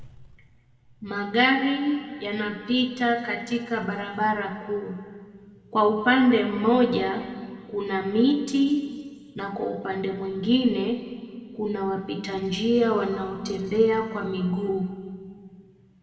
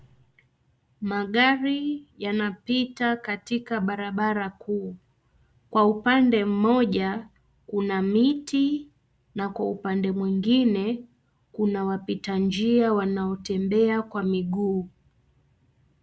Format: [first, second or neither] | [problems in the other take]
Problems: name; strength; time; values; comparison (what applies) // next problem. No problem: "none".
second | room echo; dies away in 1.9 s